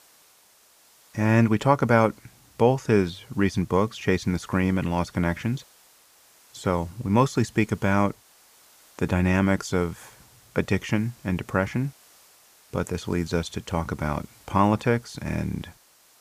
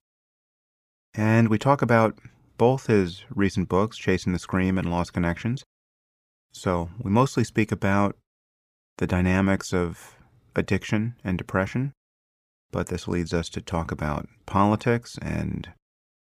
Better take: second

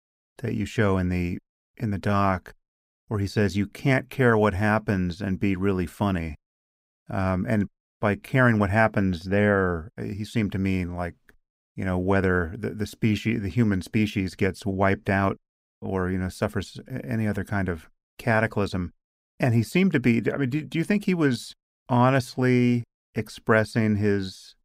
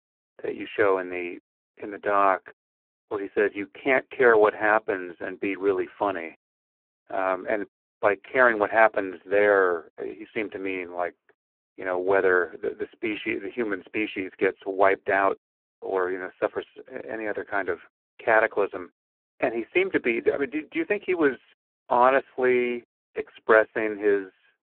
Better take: first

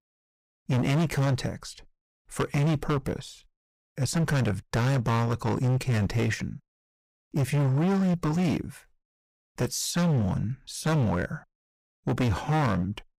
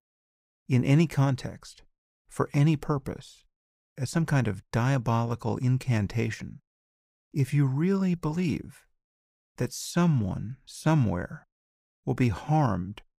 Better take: second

